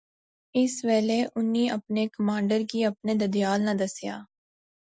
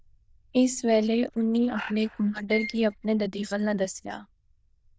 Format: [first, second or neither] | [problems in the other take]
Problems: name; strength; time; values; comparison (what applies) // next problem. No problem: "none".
first | noise reduction (neural diffusion model UNIVERSE++)